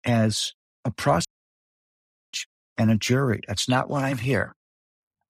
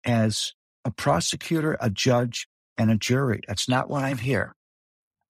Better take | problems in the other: second | audio cutting out; at 1.5 s for 1 s

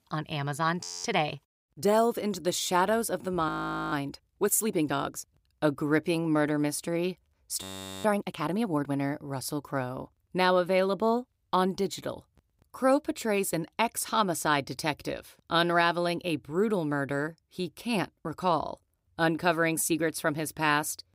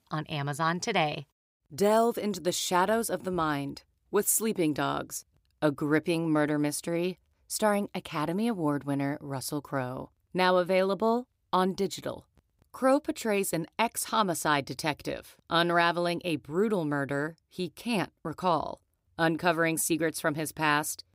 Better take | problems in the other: second | audio freezing; at 1 s, at 3.5 s and at 7.5 s

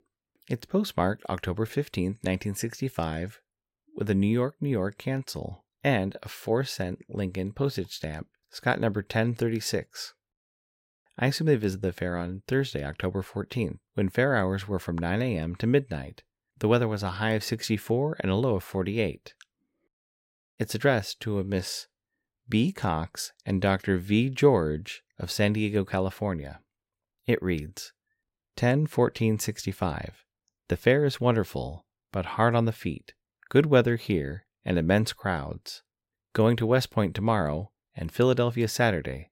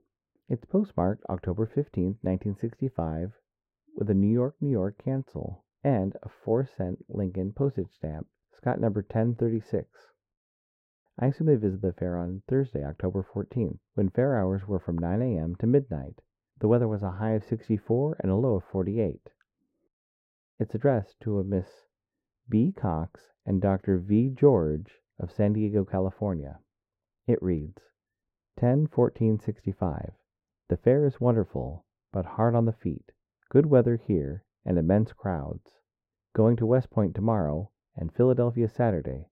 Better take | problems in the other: first | muffled; very; fading above 2 kHz

